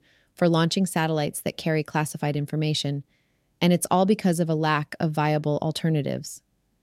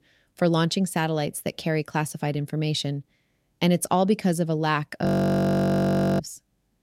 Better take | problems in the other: first | audio freezing; at 5 s for 1 s

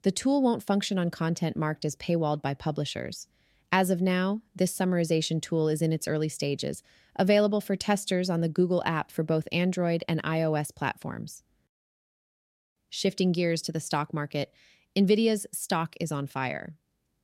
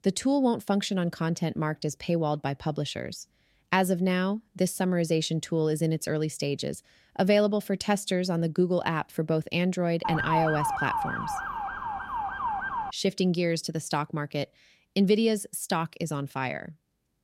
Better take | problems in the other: first | siren; loud; from 10 to 13 s; peak 1 dB above the speech

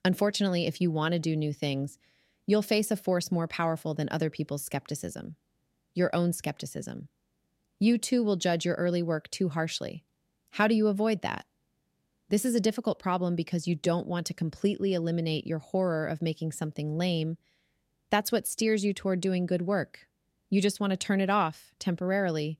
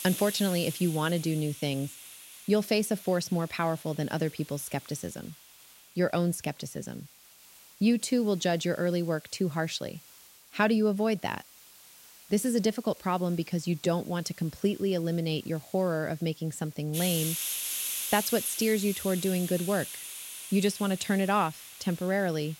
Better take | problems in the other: first | hiss; loud; throughout; 7 dB below the speech

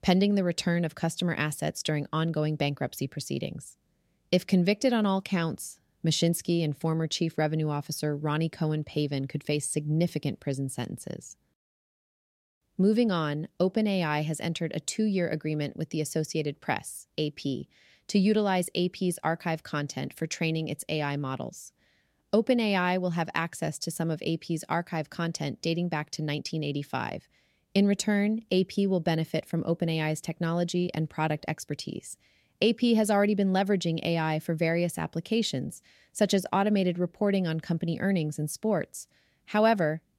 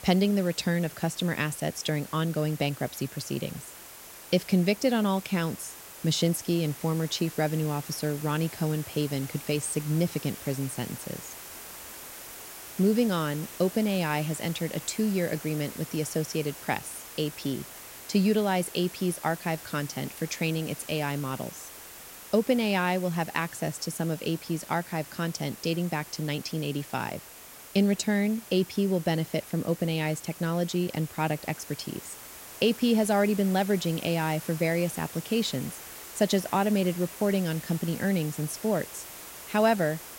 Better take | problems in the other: first | hiss; noticeable; throughout; 15 dB below the speech

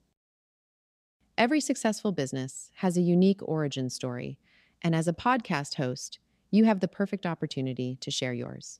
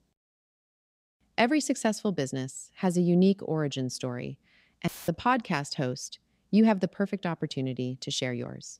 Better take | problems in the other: first | audio cutting out; filled with static; at 5 s

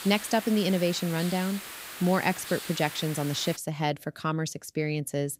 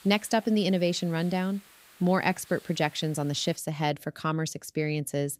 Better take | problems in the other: second | hiss; loud; until 3.5 s; 10 dB below the speech; faint in the second

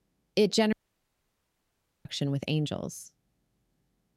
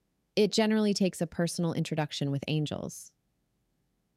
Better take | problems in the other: second | audio cutting out; at 0.5 s for 1.5 s

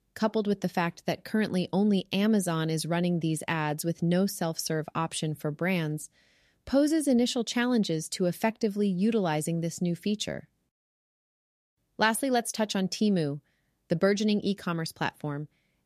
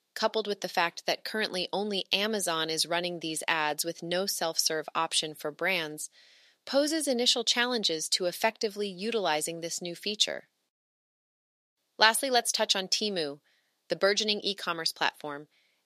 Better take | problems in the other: first | thin; somewhat; fading below 500 Hz

